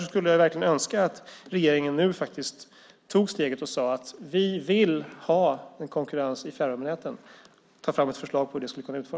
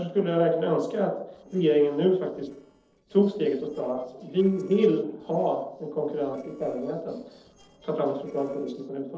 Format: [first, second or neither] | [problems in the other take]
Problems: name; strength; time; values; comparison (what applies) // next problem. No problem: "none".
first | noise reduction (neural separator model SepFormer DNS4)